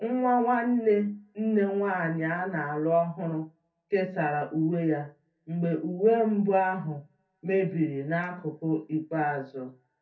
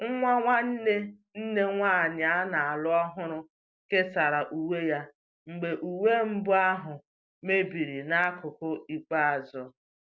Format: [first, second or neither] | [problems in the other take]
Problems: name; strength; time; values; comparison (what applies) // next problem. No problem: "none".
second | room echo; dies away in 0.2 s